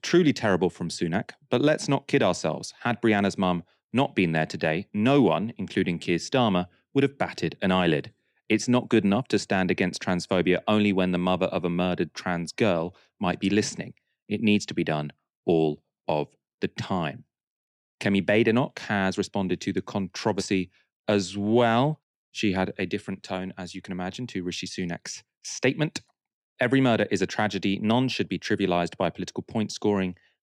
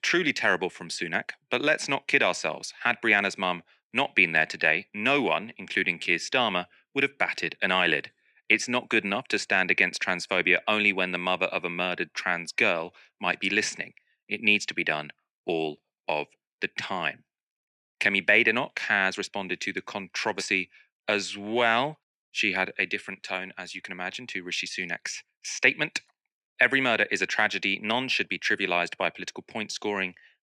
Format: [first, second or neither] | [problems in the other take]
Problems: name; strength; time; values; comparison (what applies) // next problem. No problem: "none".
first | thin; somewhat; fading below 650 Hz